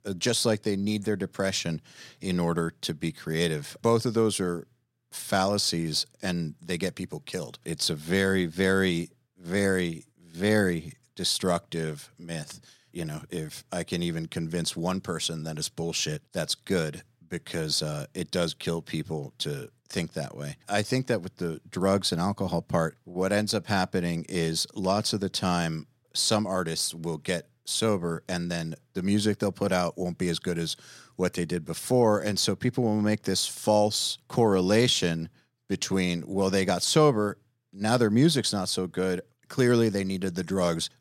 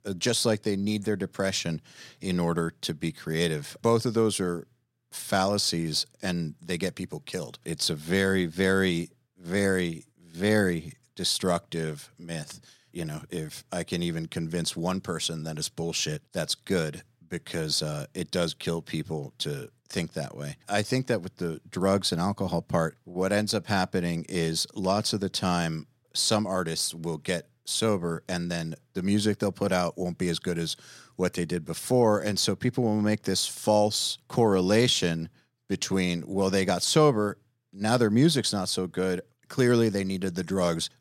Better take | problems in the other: neither | none

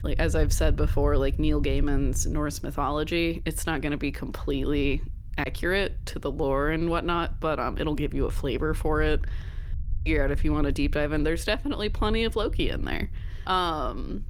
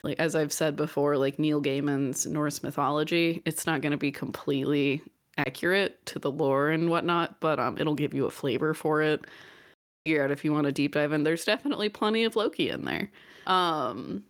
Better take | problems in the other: second | low rumble; faint; throughout; 25 dB below the speech

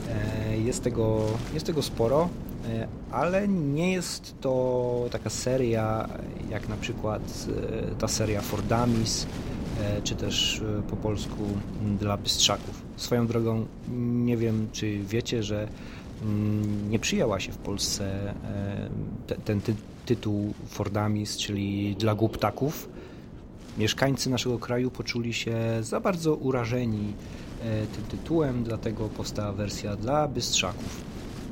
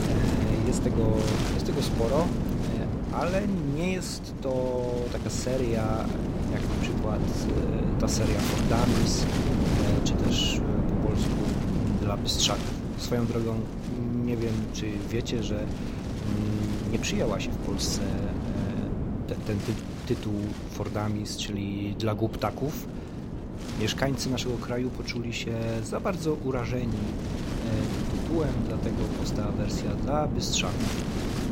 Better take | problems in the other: first | wind noise on the microphone; heavy; 3 dB below the speech; occasional gusts in the first

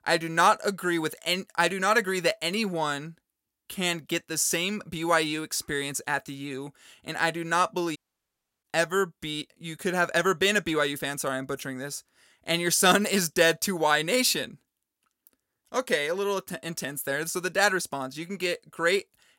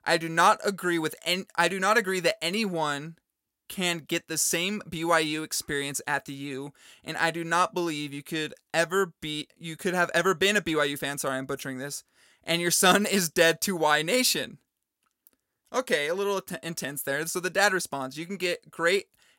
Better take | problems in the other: second | audio cutting out; at 8 s for 0.5 s

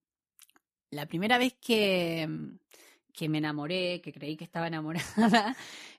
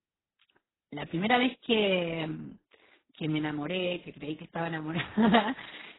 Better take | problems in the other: first | garbled, watery; badly; nothing above 4 kHz

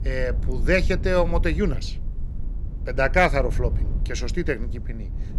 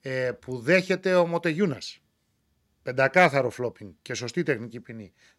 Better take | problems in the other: second | low rumble; faint; throughout; 20 dB below the speech

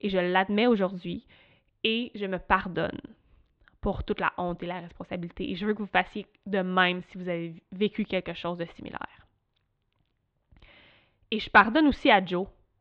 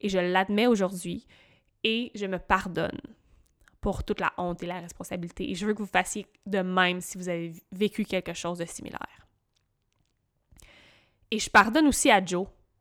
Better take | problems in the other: second | muffled; slightly; fading above 3.5 kHz

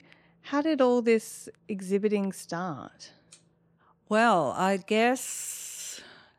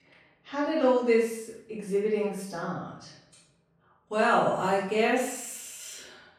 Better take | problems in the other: first | off-mic speech; far // room echo; noticeable; dies away in 0.6 s

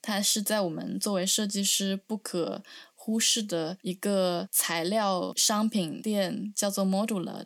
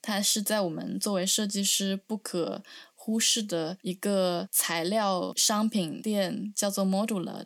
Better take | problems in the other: neither | none

